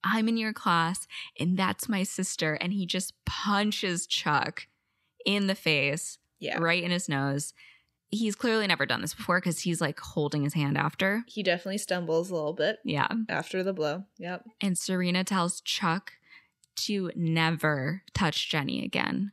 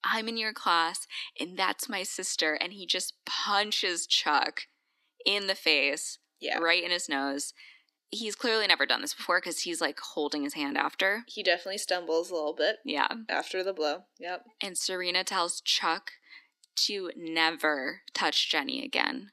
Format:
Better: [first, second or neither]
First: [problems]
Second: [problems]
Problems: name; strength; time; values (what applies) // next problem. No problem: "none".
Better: first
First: none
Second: thin; somewhat; fading below 300 Hz